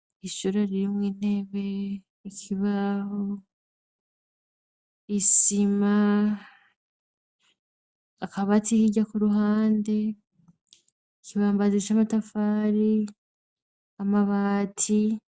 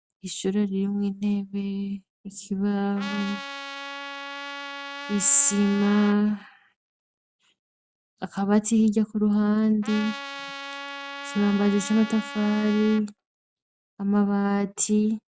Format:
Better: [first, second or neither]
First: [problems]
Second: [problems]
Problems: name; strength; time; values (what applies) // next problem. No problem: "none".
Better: first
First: none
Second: background sound (Trumpet); 11 dB below the speech